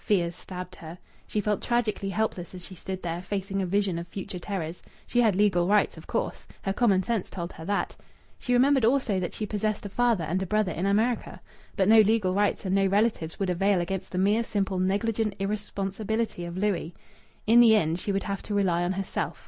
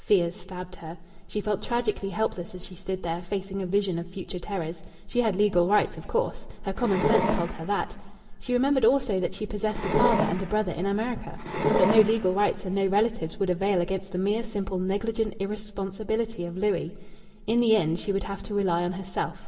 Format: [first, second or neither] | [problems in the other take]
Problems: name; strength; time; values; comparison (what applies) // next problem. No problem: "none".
first | background sound (Wood); 2 dB below the speech // room echo; dies away in 2.4 s